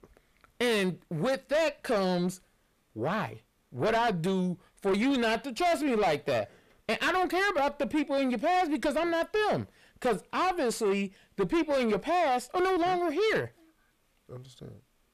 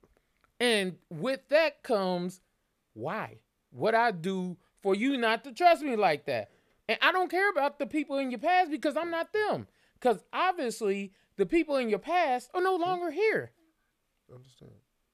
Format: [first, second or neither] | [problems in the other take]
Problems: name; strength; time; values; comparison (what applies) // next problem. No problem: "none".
second | distortion; heavy; 6 dB below the speech